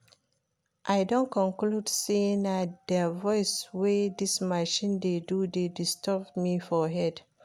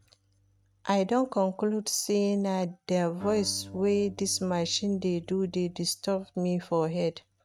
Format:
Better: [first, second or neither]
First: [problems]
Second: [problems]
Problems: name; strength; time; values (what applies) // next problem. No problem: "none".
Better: first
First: none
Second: noise reduction (neural mask model RNNoise)